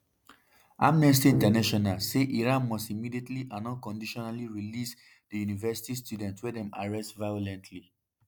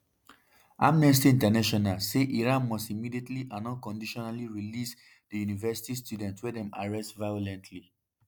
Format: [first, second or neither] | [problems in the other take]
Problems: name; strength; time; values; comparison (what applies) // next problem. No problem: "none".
second | background sound (Bowed string instrument); 7 dB below the speech